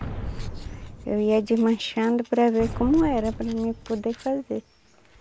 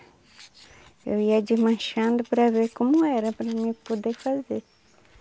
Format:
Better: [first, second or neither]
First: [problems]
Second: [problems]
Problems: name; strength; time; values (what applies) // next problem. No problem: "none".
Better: second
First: background sound (Boom); 11 dB below the speech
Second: none